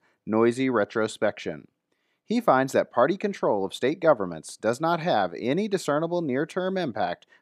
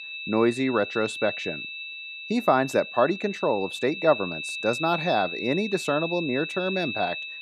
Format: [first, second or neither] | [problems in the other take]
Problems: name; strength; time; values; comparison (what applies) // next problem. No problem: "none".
first | high-pitched whine; loud; throughout; 2.5 kHz, 7 dB below the speech